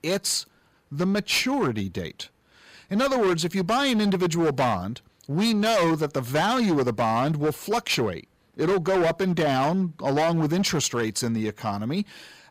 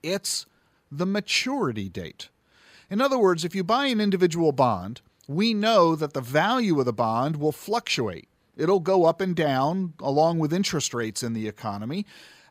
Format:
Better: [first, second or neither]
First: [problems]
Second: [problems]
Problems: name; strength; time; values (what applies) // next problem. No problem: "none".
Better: second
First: distortion; heavy; 15% of the sound clipped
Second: none